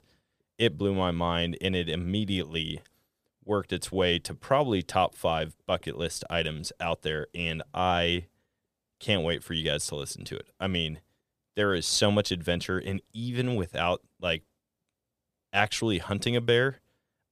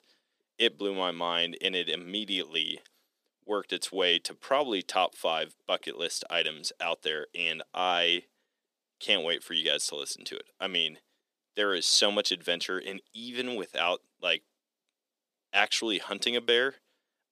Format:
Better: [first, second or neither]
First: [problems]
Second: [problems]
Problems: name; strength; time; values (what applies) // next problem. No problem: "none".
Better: first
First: none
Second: thin; somewhat; fading below 250 Hz